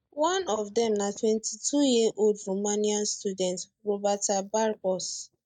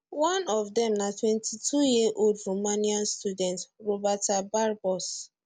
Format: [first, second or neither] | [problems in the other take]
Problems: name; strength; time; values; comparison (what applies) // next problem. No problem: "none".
second | noise reduction (neural mask model DeepFilterNet 3)